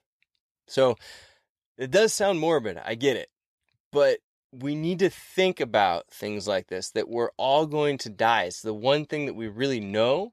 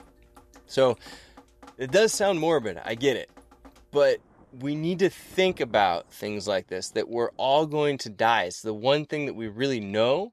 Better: first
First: none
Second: rain or running water; faint; until 7.5 s; 30 dB below the speech

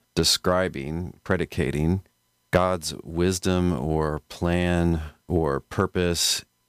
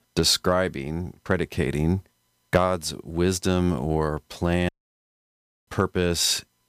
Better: first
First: none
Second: audio cutting out; at 4.5 s for 1 s

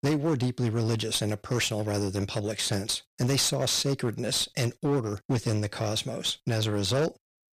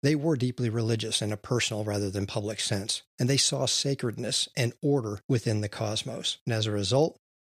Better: second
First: distortion; slight; 13% of the sound clipped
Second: none

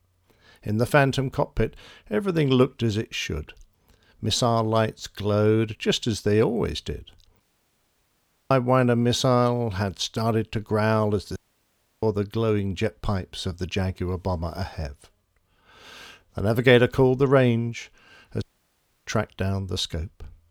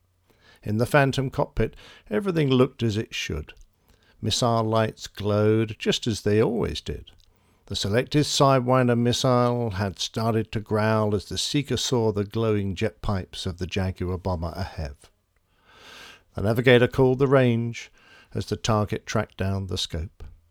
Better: second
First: audio cutting out; at 7.5 s for 1 s, at 11 s for 0.5 s and at 18 s for 0.5 s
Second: none

